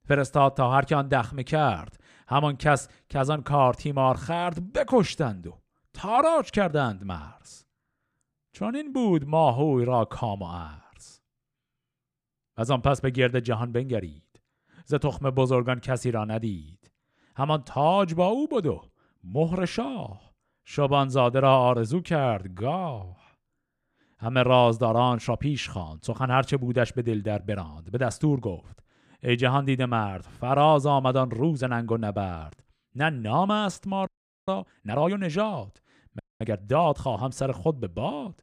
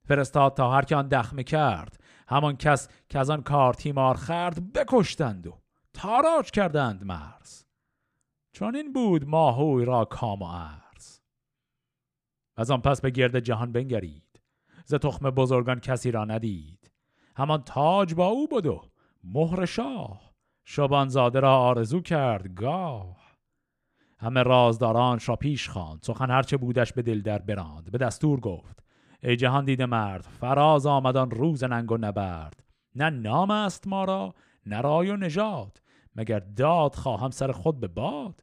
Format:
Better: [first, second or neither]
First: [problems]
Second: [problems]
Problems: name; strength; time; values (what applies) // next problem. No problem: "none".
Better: second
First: audio freezing; at 34 s and at 36 s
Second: none